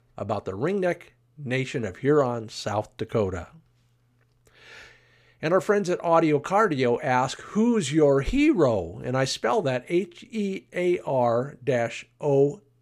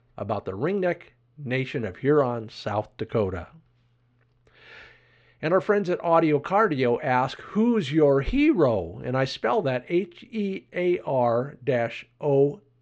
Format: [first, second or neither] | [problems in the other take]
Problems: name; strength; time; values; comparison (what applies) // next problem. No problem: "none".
first | muffled; very slightly; fading above 4 kHz